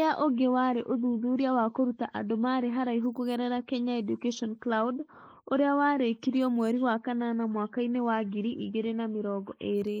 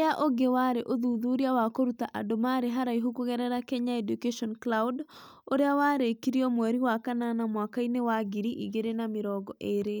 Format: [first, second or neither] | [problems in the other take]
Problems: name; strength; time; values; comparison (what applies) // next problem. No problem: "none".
second | noise reduction (neural mask model Resemble Enhance denoiser)